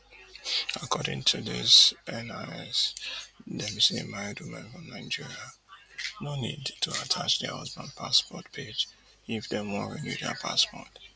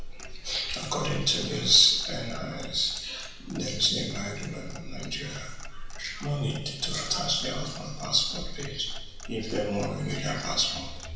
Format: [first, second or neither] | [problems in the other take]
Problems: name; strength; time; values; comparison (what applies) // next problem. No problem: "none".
first | background sound (Clock); 8 dB below the speech // room echo; dies away in 0.9 s